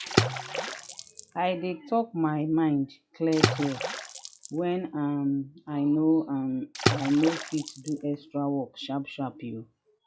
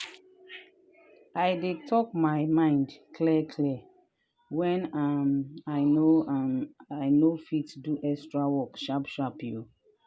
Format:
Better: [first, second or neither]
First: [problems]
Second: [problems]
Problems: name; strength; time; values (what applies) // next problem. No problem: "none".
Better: second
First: noise reduction (classical method log-MMSE)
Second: none